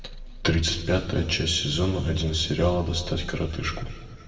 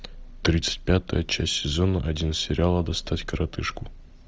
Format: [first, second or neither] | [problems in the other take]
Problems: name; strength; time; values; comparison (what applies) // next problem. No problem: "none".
second | room echo; dies away in 1.8 s